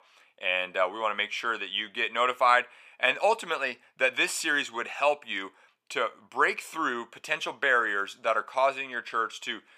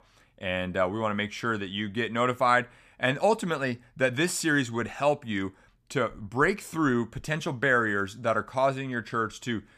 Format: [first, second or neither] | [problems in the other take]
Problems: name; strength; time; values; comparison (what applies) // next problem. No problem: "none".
second | thin; very; fading below 550 Hz